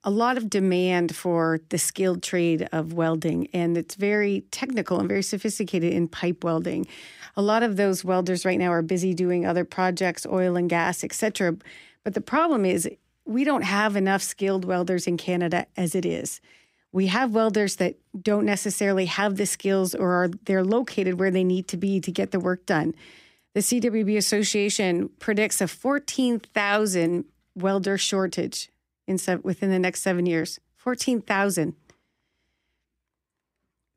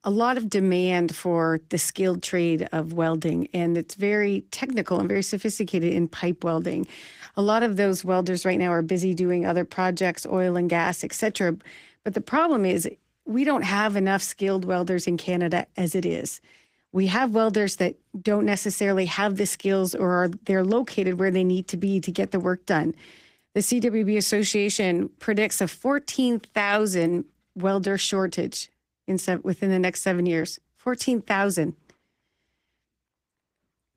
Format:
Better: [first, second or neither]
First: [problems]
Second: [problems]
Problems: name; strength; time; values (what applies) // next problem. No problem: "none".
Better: first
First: none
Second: garbled, watery; slightly; nothing above 15.5 kHz